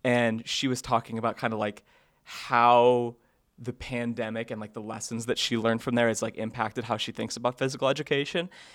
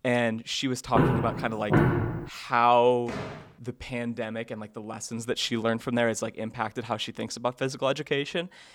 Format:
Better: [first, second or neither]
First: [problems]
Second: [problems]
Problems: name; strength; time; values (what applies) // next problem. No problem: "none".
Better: first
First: none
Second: footsteps; loud; from 1 to 2 s; peak 5 dB above the speech // door banging; noticeable; at 3 s; peak 8 dB below the speech